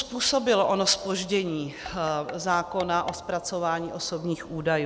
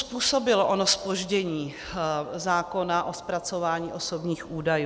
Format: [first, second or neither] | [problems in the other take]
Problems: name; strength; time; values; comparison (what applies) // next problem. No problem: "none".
second | background sound (Tap / Percussion); 18 dB below the speech